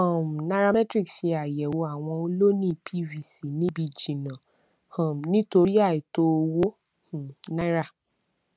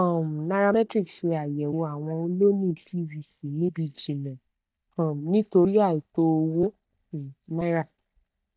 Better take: first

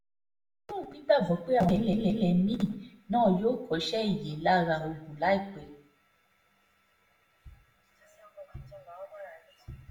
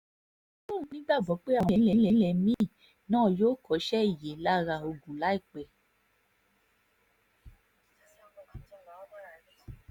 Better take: second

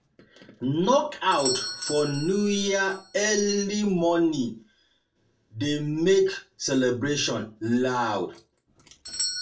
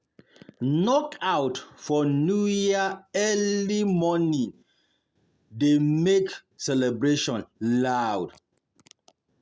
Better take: second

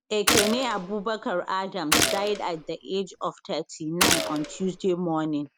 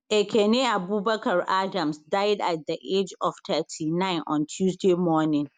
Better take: second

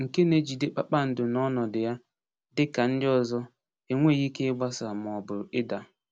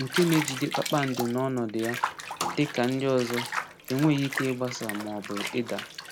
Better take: first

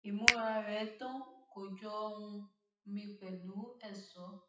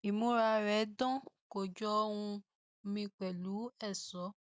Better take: second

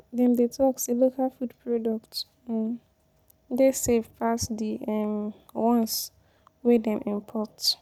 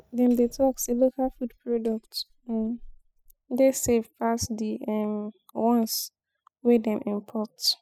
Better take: first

